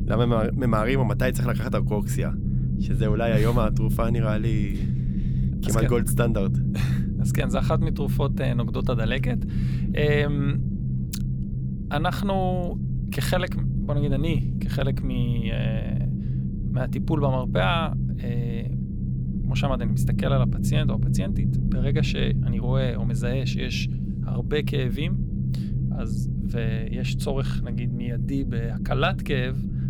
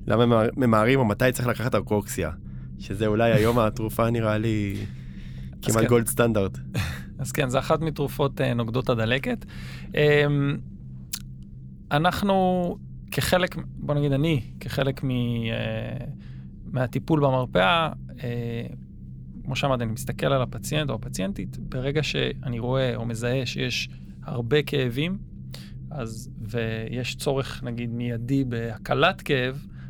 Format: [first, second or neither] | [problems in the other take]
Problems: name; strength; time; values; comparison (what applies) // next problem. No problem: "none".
second | low rumble; loud; throughout; 7 dB below the speech; faint in the second